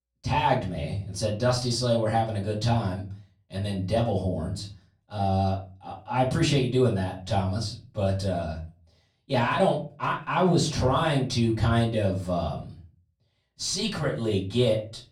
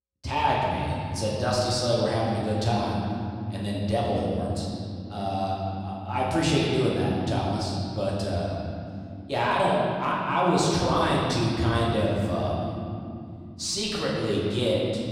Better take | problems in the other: first | room echo; strong; dies away in 2.9 s; slight in the first // off-mic speech; far; far in the first

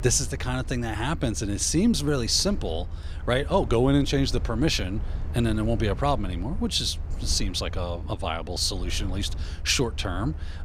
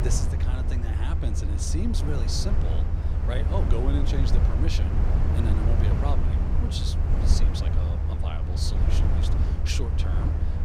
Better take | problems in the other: first | low rumble; loud; throughout; 1 dB below the speech; faint in the first

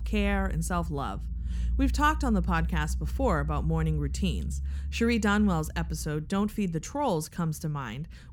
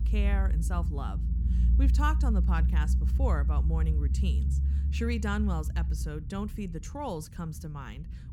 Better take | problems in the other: first | low rumble; loud; throughout; 9 dB below the speech; faint in the first

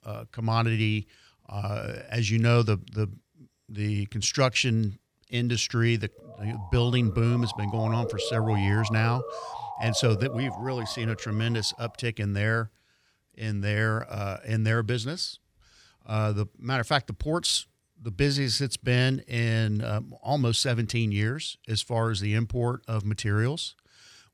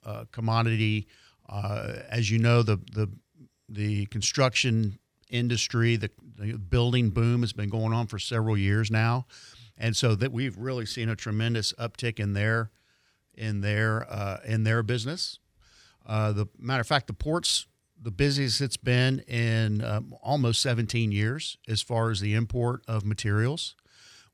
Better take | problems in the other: second | siren; noticeable; from 6.5 to 12 s; peak 6 dB below the speech

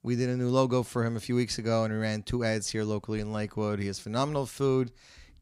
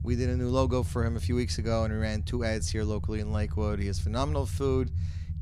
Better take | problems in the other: first | low rumble; noticeable; throughout; 15 dB below the speech

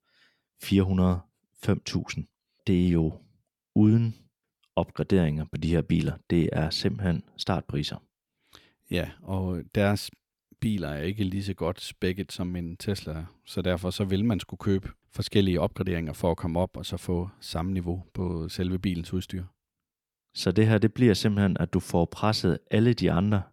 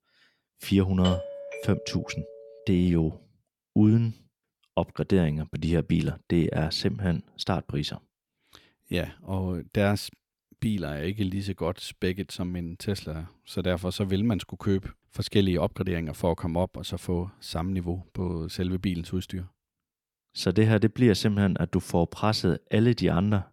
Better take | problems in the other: first | doorbell; noticeable; from 1 to 2.5 s; peak 6 dB below the speech

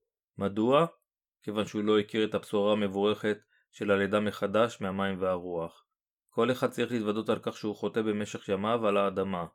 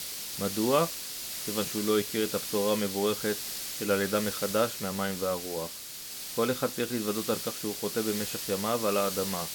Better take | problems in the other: first | hiss; loud; throughout; 4 dB below the speech

